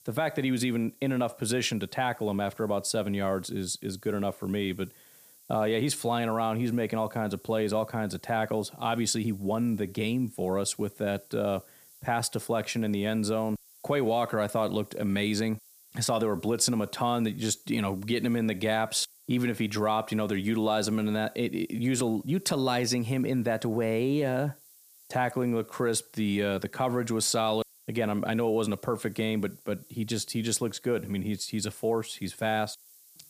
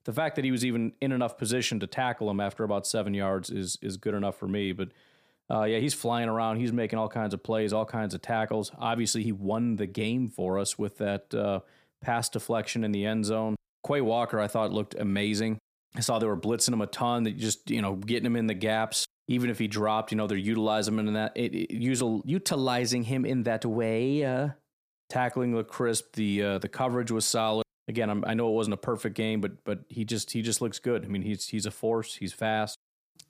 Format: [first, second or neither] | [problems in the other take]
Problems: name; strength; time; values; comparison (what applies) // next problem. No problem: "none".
second | hiss; faint; throughout; 25 dB below the speech